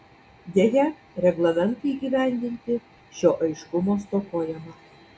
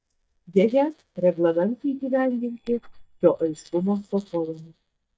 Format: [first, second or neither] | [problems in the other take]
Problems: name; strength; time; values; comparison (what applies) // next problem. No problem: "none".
first | noise reduction (neural mask model DeepFilterNet 3)